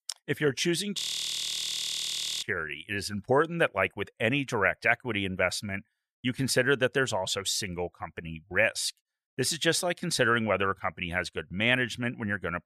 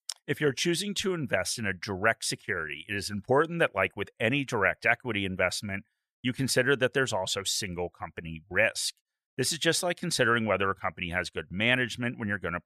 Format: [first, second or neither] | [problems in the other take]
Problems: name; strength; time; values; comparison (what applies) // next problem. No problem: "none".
second | audio freezing; at 1 s for 1.5 s